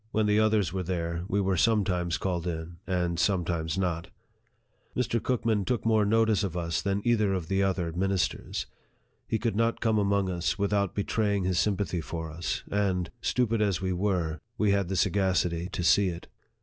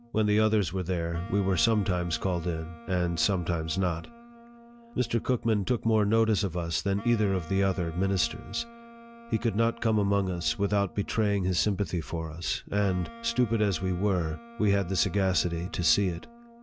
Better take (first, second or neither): first